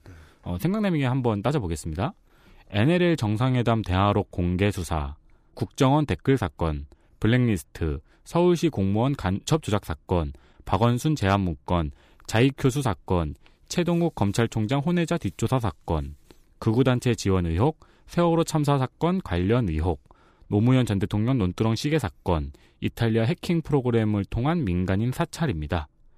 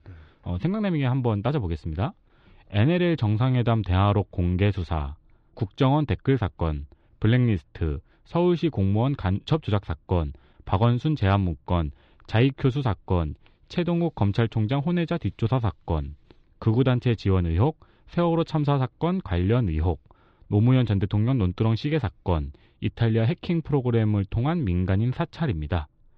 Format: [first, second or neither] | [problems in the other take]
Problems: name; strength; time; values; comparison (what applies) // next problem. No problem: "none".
first | muffled; slightly; fading above 3.5 kHz